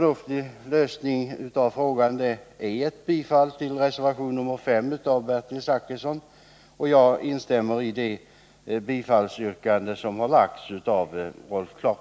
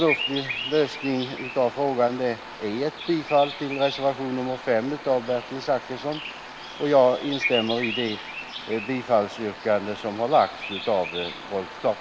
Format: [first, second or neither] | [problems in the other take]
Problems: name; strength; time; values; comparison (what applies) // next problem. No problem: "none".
first | background sound (Bird vocalization, bird call, bird song); 10 dB below the speech